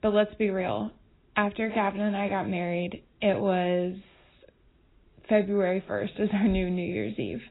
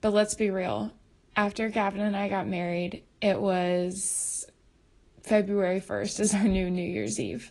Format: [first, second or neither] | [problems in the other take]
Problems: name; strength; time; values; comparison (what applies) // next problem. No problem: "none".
second | garbled, watery; badly; nothing above 4 kHz; slightly in the second